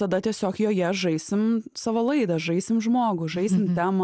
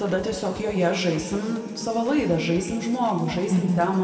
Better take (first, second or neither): first